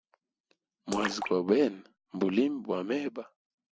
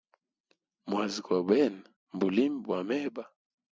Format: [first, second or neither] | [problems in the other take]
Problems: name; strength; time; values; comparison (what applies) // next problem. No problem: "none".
second | background sound (Splash, splatter); 11 dB below the speech